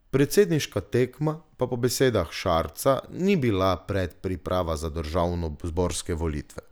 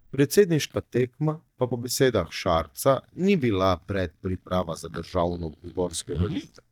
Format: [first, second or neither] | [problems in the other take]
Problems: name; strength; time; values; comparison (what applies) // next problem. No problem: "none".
first | noise reduction (neural mask model DeepFilterNet 3)